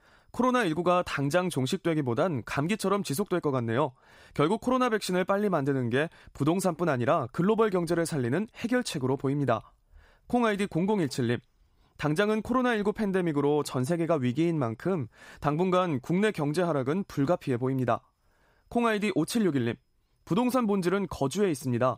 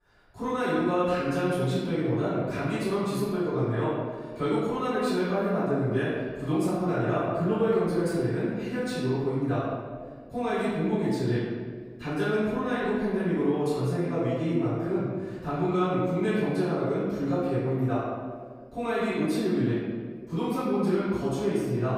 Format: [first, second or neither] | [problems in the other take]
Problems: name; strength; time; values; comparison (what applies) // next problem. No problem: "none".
first | off-mic speech; far // room echo; strong; dies away in 1.5 s